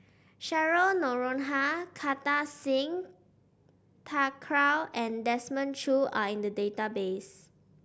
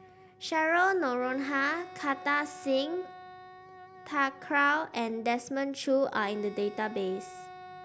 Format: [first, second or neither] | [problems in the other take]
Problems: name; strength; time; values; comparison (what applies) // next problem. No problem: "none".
first | background sound (Wind instrument, woodwind instrument); 18 dB below the speech